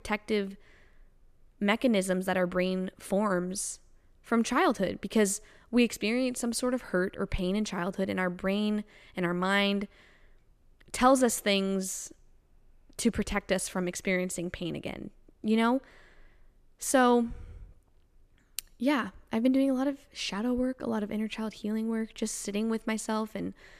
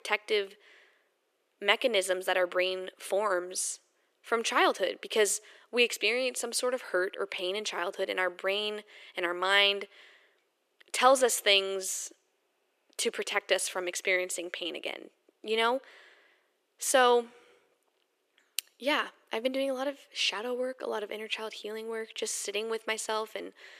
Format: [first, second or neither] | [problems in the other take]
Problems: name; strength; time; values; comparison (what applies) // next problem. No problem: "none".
first | thin; very; fading below 400 Hz